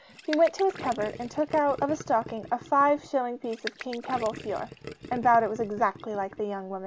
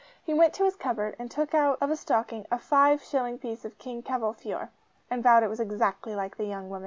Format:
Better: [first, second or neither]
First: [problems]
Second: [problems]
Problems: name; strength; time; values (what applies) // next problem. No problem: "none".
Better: second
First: background sound (Gurgling); 15 dB below the speech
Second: none